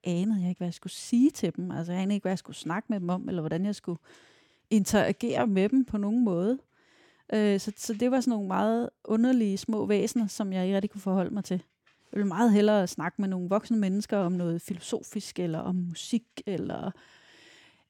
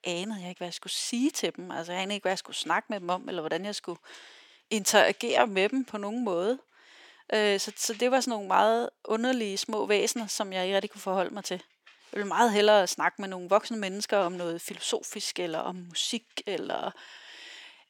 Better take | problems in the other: first | thin; somewhat; fading below 500 Hz

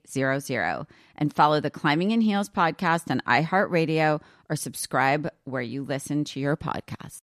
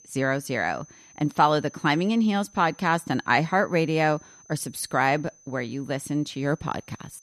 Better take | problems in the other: first | high-pitched whine; faint; throughout; 6 kHz, 25 dB below the speech

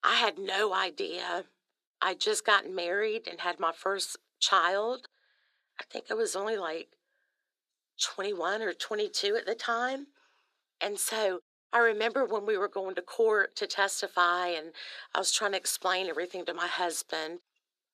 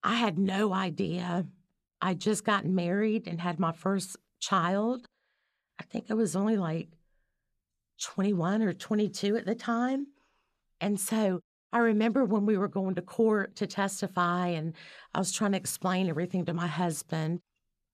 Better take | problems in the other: second | thin; very; fading below 350 Hz

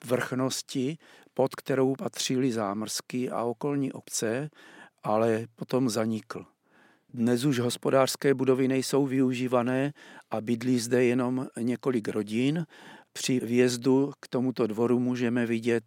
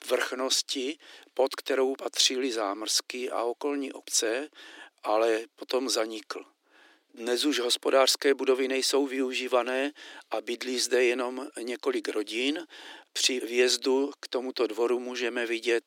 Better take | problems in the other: first | thin; somewhat; fading below 300 Hz

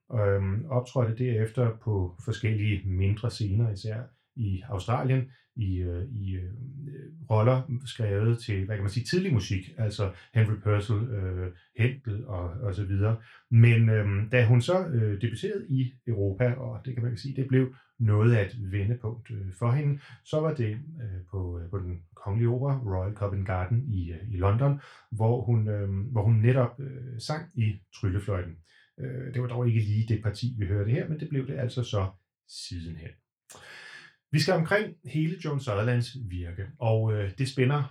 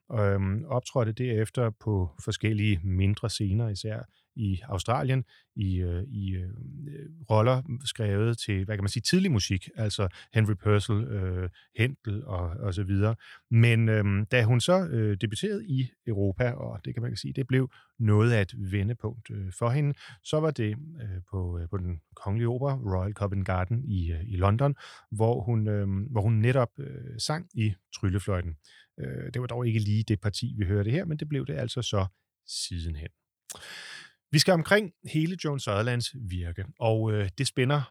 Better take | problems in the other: second | room echo; very slight; dies away in 0.2 s // off-mic speech; somewhat distant

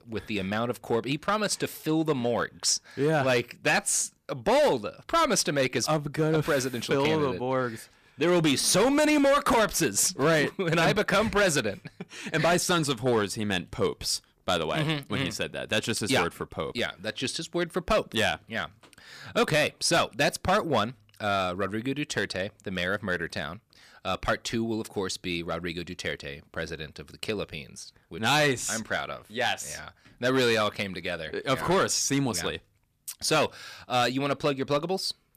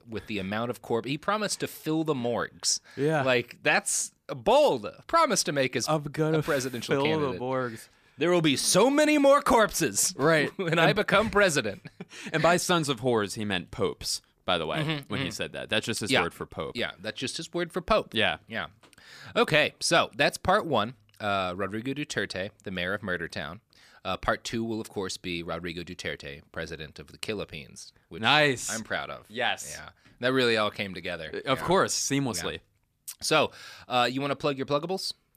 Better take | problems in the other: second | distortion; slight; 5% of the sound clipped

